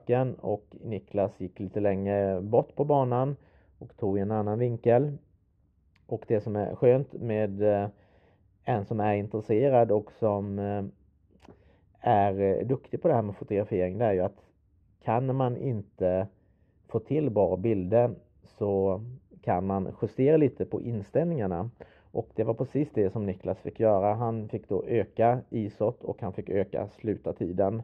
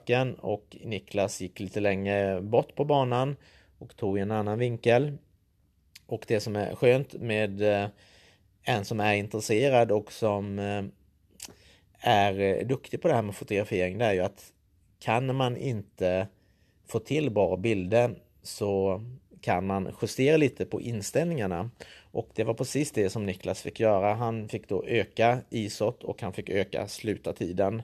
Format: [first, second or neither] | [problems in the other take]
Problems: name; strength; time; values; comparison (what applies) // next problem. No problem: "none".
second | muffled; very; fading above 3 kHz